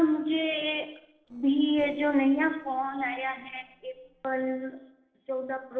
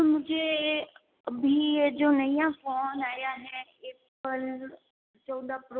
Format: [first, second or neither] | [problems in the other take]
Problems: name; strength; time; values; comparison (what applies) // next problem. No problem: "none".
second | noise reduction (neural separator model SepFormer DNS4)